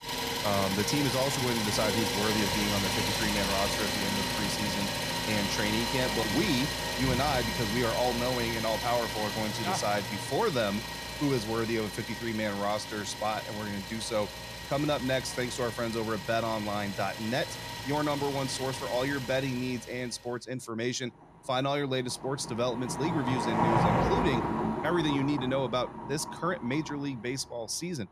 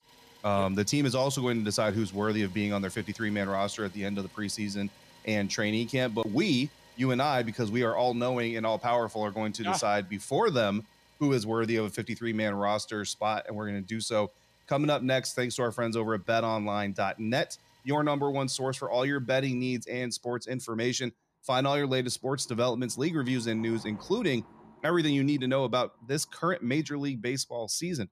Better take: second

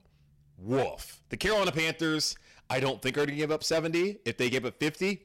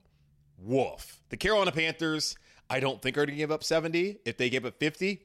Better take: second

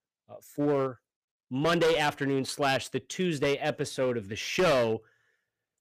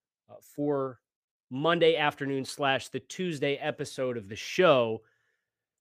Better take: second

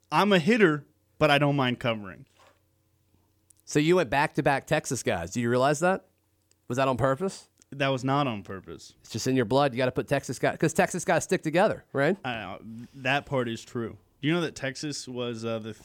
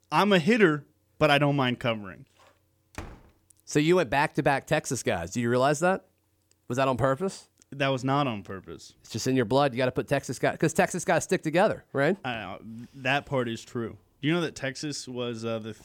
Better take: first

